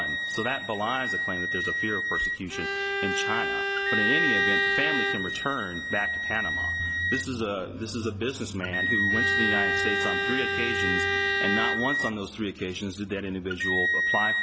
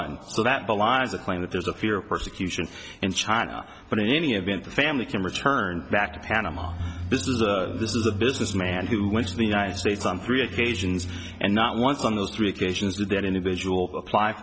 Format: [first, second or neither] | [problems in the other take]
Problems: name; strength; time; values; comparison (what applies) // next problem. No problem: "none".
second | background sound (Wind instrument, woodwind instrument + Bowed string instrument); 4 dB above the speech